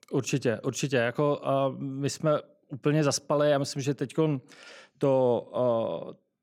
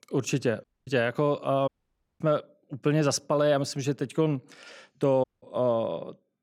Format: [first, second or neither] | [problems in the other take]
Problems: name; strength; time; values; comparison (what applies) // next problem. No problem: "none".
first | audio cutting out; at 0.5 s, at 1.5 s for 0.5 s and at 5 s